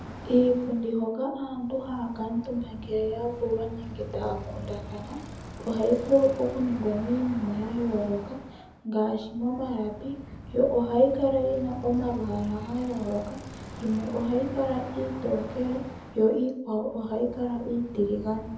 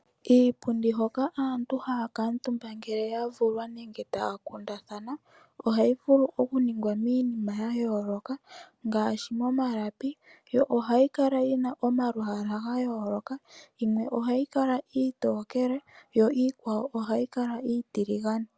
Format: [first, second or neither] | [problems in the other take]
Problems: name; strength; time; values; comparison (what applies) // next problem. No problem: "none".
second | background sound (Bicycle); 13 dB below the speech // room echo; dies away in 0.7 s